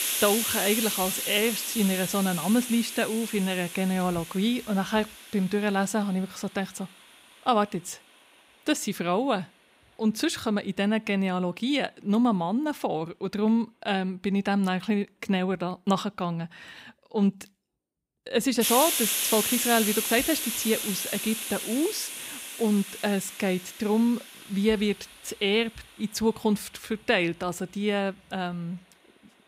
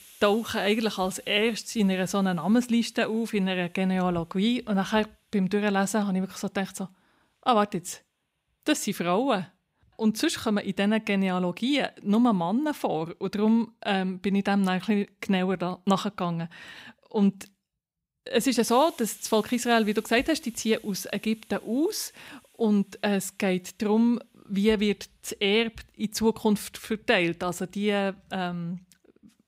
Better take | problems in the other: second | hiss; loud; throughout; 2 dB below the speech; faint in the second

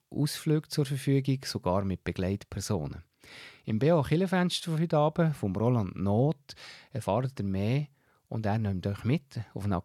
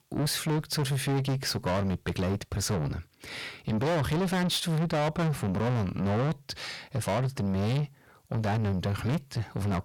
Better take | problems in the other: first | distortion; heavy; 6 dB below the speech

